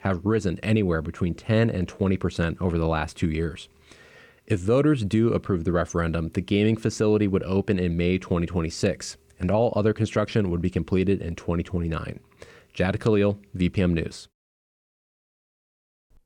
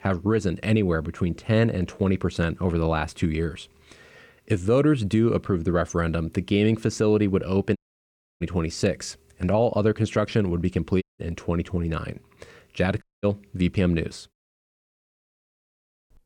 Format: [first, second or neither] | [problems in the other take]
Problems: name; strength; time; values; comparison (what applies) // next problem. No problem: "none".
first | audio cutting out; at 8 s for 0.5 s, at 11 s and at 13 s